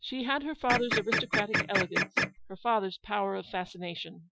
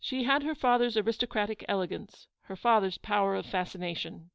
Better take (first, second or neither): second